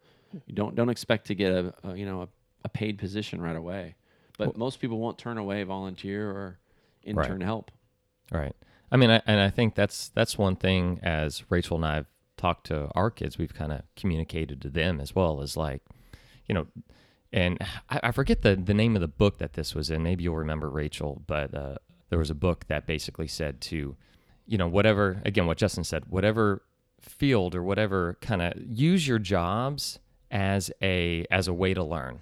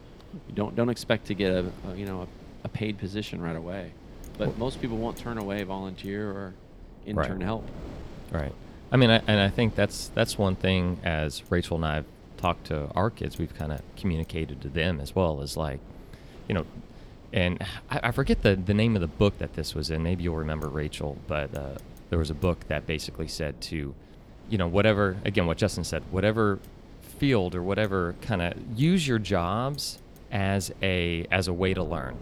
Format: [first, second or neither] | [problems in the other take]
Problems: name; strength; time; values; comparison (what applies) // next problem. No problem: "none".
first | wind noise on the microphone; occasional gusts; 20 dB below the speech